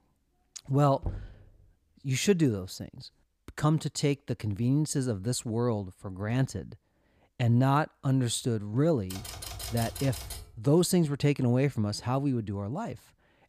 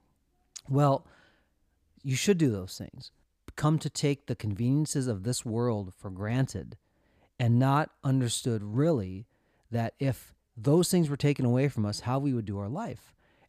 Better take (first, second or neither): second